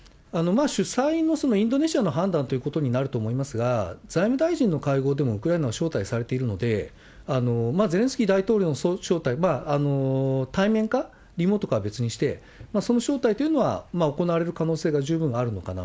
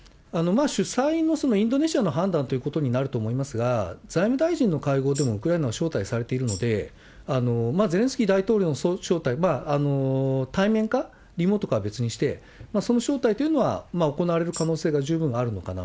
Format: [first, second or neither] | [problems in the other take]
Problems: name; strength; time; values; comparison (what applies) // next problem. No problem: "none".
first | background sound (Tambourine); 14 dB below the speech